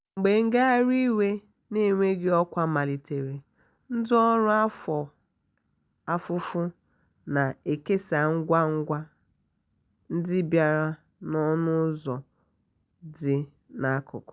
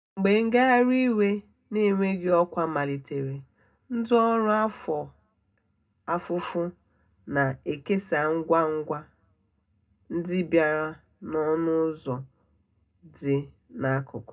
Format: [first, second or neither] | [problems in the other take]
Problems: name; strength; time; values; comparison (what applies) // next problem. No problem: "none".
first | room echo; dies away in 0.2 s